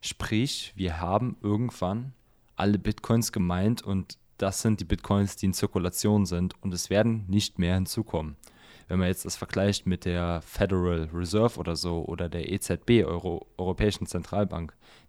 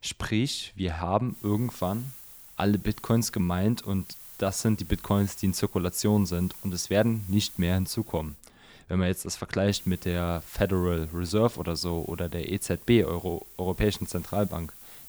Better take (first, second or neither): first